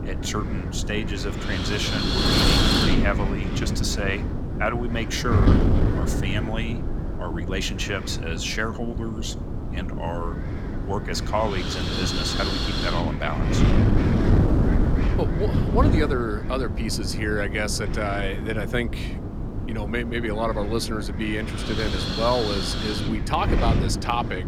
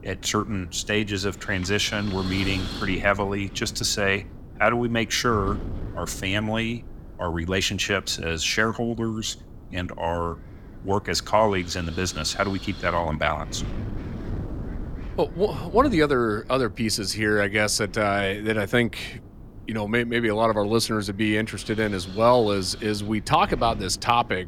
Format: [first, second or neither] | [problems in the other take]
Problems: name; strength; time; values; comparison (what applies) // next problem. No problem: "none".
second | wind noise on the microphone; heavy; 2 dB below the speech; occasional gusts in the second